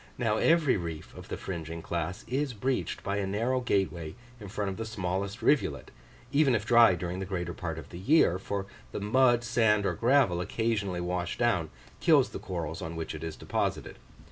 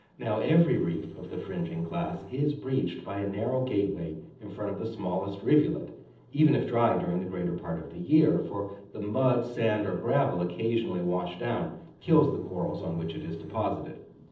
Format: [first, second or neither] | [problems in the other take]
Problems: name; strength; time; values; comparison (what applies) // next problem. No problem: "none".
first | noise reduction (neural separator model SepFormer DNS4)